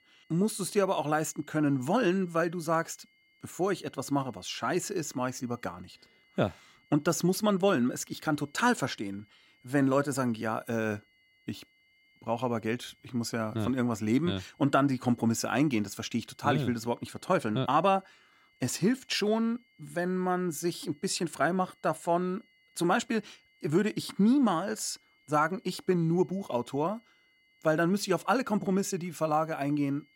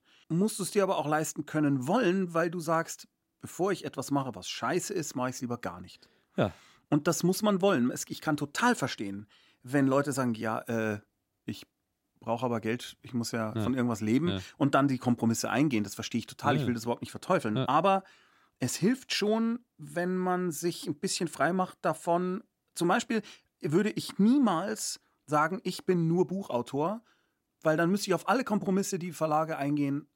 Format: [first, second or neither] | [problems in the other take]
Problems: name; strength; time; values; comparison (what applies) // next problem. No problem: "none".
second | high-pitched whine; faint; throughout; 2 kHz, 35 dB below the speech